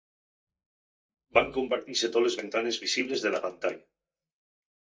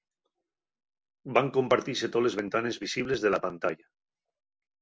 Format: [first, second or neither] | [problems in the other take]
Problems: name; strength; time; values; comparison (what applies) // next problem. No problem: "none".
second | noise reduction (neural mask model DeepFilterNet 3)